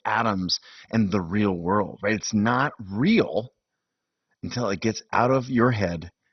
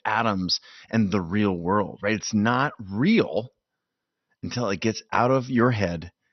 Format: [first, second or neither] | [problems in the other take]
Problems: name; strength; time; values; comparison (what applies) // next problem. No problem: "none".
second | garbled, watery; badly; nothing above 6 kHz; slightly in the second